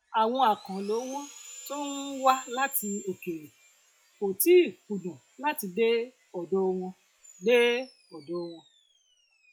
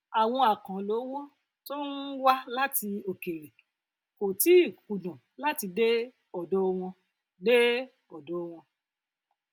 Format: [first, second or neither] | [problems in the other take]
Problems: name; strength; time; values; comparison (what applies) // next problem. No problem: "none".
second | noise reduction (classical method log-MMSE)